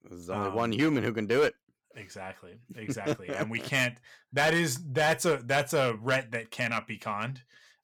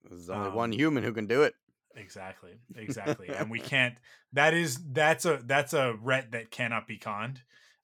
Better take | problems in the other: second | distortion; slight; 4% of the sound clipped

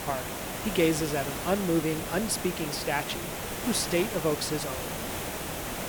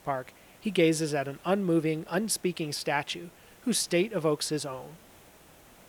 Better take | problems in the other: second | hiss; loud; throughout; 4 dB below the speech; faint in the second

